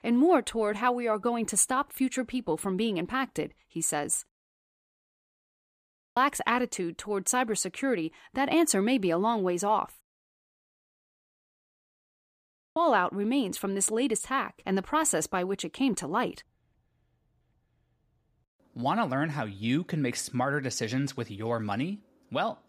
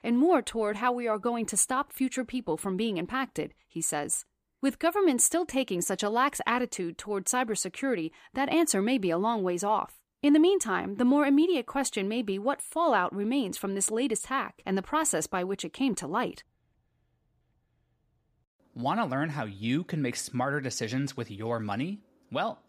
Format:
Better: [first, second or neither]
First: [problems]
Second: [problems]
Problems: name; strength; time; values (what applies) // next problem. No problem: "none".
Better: second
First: audio cutting out; at 4.5 s for 2 s and at 10 s for 3 s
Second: none